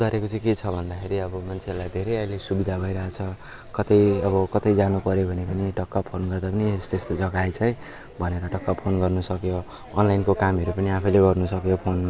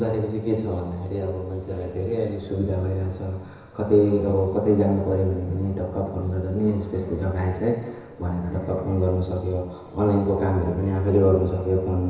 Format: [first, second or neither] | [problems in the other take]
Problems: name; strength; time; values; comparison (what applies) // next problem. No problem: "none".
first | room echo; dies away in 1 s